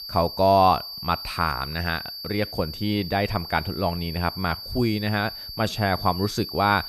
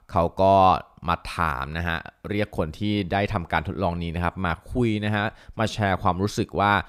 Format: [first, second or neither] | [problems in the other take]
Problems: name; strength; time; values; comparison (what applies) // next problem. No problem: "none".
second | high-pitched whine; loud; throughout; 4.5 kHz, 9 dB below the speech